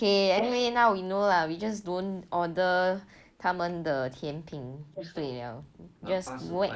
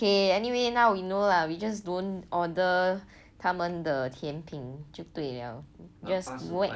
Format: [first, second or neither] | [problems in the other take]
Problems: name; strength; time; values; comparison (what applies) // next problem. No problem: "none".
second | noise reduction (neural mask model Resemble Enhance denoiser)